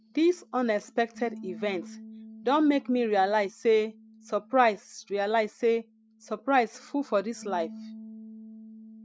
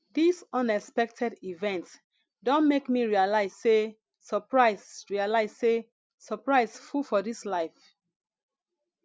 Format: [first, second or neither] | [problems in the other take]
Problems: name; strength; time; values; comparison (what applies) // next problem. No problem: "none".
second | noise reduction (neural mask model RNNoise)